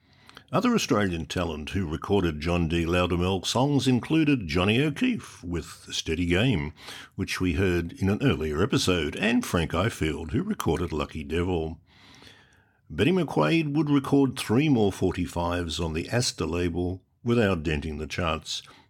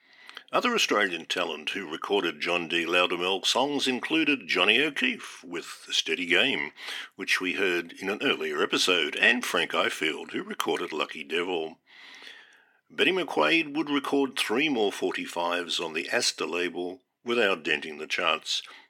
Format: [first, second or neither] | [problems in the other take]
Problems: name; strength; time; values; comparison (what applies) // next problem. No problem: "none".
first | thin; somewhat; fading below 350 Hz